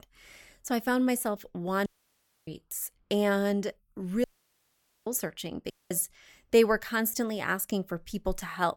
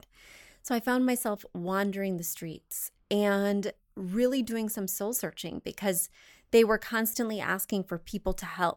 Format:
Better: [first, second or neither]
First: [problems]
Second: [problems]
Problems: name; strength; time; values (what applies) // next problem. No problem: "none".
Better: second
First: audio cutting out; at 2 s for 0.5 s, at 4 s for 1 s and at 5.5 s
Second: none